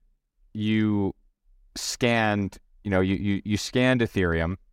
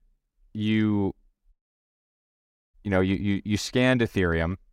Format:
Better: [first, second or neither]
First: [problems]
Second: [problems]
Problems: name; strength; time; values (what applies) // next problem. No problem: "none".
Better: first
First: none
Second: audio cutting out; at 1.5 s for 1 s